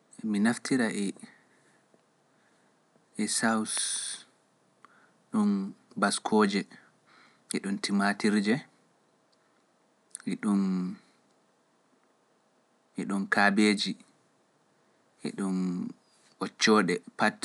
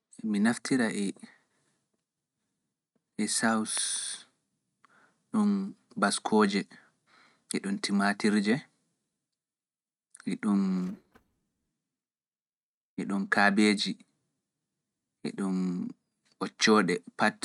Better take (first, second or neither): first